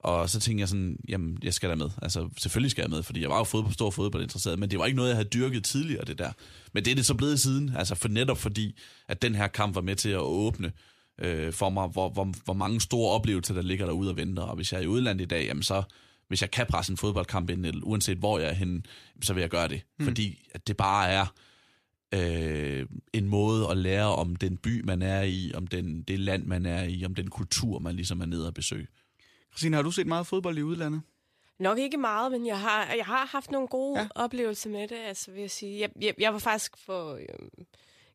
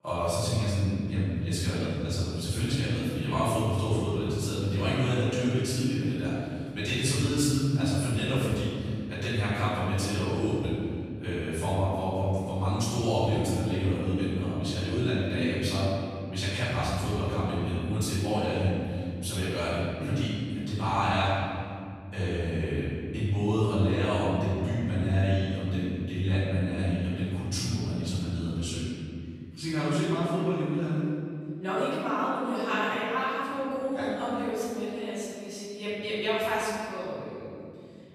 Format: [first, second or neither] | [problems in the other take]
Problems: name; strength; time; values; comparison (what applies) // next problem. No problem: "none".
first | off-mic speech; far // room echo; strong; dies away in 2.6 s